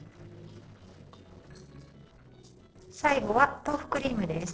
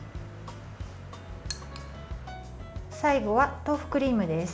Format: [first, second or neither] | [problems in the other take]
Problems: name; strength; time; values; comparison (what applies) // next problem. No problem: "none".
second | noise reduction (neural separator model SepFormer DNS4)